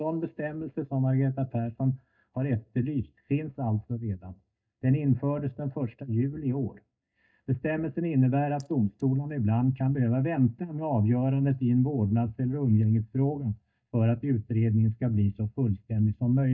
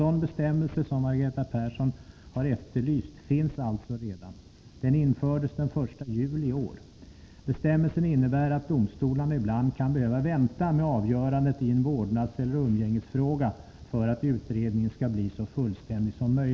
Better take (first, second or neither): second